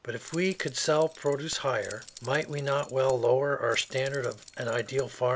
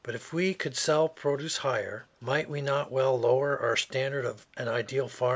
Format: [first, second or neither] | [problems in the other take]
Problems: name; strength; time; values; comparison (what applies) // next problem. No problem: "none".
second | background sound (Keys jangling); 19 dB below the speech